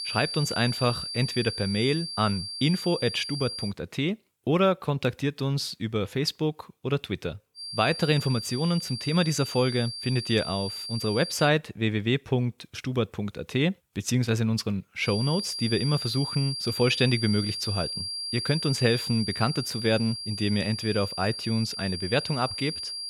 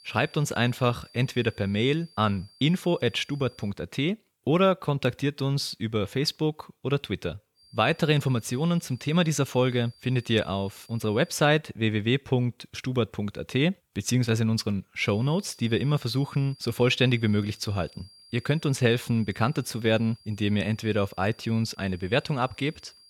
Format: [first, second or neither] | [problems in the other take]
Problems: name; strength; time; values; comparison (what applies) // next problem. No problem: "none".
second | high-pitched whine; loud; until 3.5 s, from 7.5 to 11 s and from 15 s on; 4.5 kHz, 5 dB below the speech; faint in the second